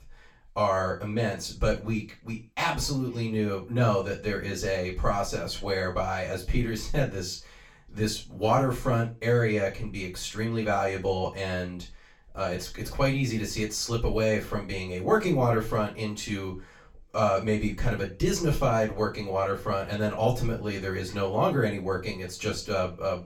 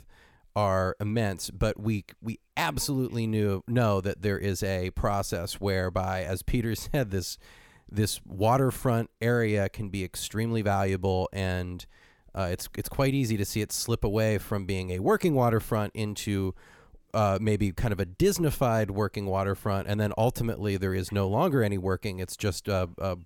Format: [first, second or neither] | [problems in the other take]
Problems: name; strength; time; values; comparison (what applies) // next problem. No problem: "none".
second | room echo; slight; dies away in 0.2 s // off-mic speech; far